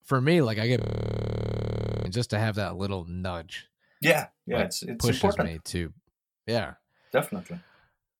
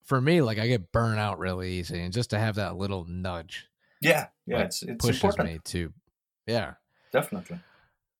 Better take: second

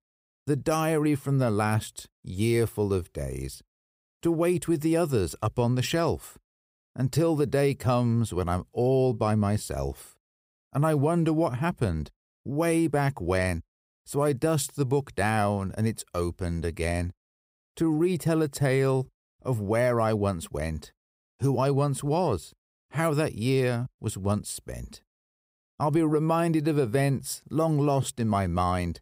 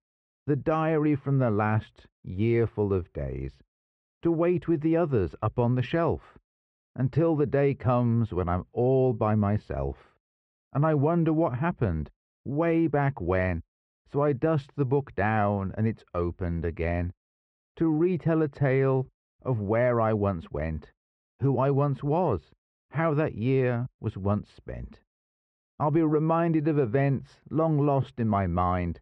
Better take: first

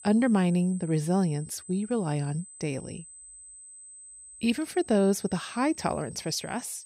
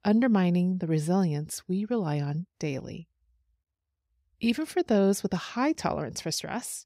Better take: second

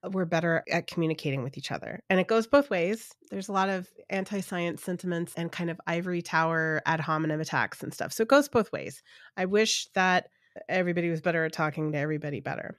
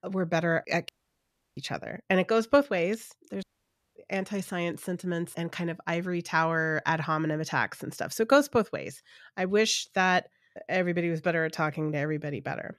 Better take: first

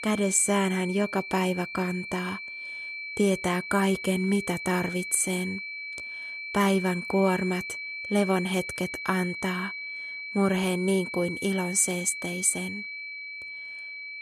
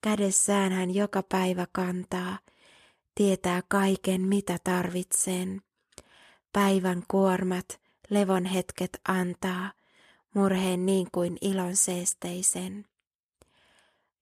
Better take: second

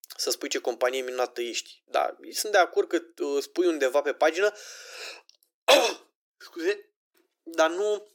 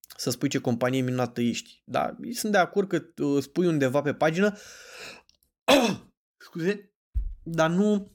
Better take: second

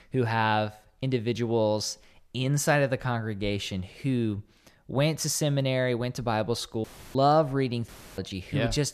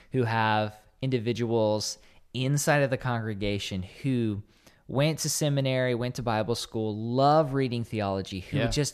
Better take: second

